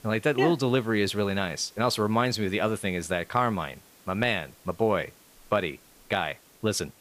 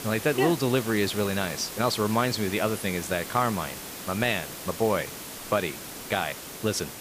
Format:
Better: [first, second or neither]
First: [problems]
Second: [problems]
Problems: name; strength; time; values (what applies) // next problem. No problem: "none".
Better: first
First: hiss; faint; throughout; 25 dB below the speech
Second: hiss; loud; throughout; 9 dB below the speech